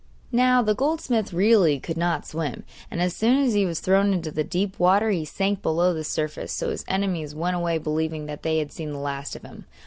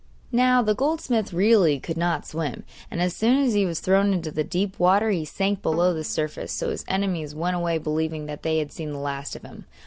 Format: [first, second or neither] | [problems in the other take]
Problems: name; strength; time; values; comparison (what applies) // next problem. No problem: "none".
first | background sound (Bowed string instrument); 20 dB below the speech